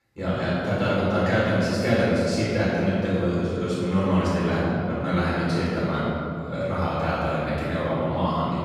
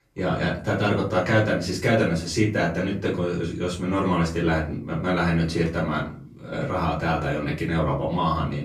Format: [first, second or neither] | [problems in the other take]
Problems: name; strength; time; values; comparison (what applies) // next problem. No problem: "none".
second | room echo; strong; dies away in 2.6 s; slight in the second // off-mic speech; far; far in the second